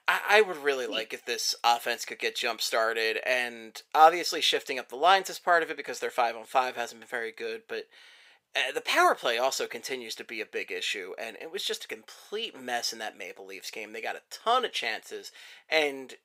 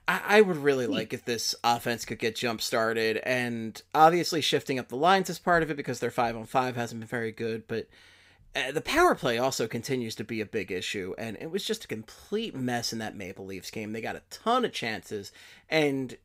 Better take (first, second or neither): second